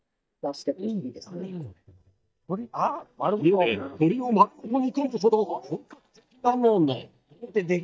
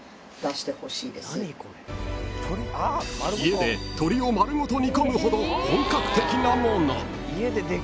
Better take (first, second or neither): second